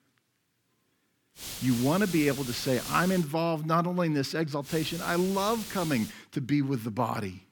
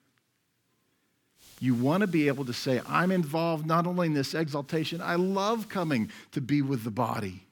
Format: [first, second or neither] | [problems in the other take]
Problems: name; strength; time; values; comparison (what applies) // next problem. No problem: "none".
second | hiss; loud; from 1.5 to 3 s and from 4.5 to 6 s; 10 dB below the speech; faint in the second